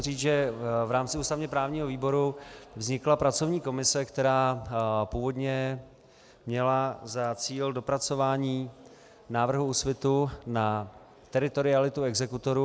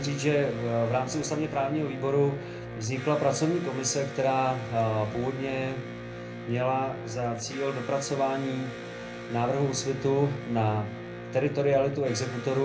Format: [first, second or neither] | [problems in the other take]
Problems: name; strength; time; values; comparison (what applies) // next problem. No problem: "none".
first | background sound (Electric guitar); 10 dB below the speech // room echo; dies away in 0.3 s